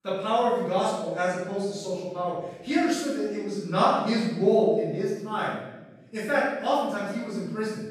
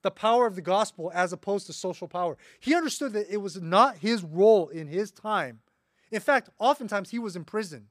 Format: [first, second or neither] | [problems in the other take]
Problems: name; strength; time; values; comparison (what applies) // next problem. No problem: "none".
second | off-mic speech; far // room echo; strong; dies away in 1.2 s